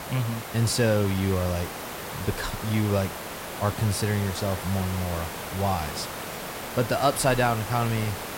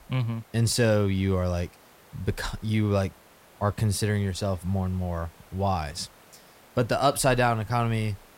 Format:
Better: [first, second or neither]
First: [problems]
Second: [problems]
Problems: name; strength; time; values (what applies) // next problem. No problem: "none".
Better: second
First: hiss; loud; throughout; 7 dB below the speech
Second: hiss; faint; throughout; 25 dB below the speech